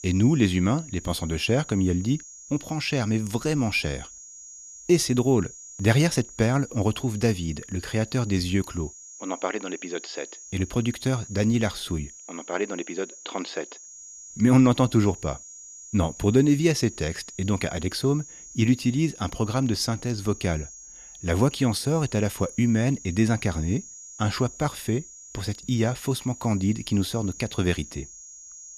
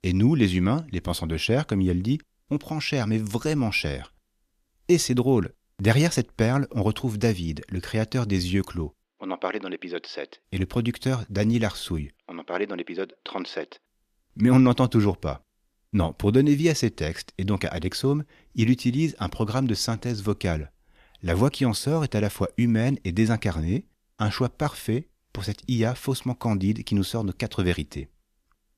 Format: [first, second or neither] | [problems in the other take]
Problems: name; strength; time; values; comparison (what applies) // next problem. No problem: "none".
second | high-pitched whine; noticeable; throughout; 6.5 kHz, 15 dB below the speech